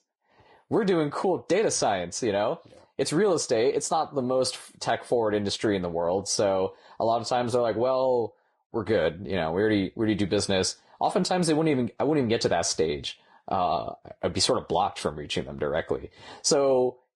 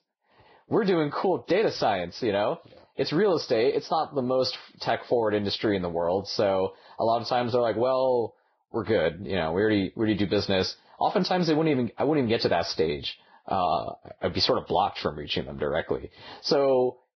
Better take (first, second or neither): first